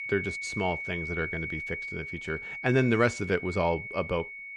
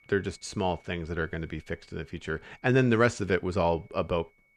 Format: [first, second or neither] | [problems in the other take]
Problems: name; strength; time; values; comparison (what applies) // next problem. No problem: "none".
second | high-pitched whine; loud; throughout; 2 kHz, 5 dB below the speech; faint in the second